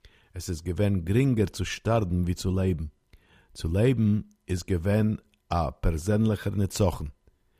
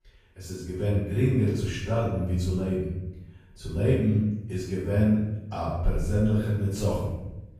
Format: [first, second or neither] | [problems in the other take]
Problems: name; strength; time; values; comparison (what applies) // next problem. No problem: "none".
first | off-mic speech; far // room echo; strong; dies away in 0.8 s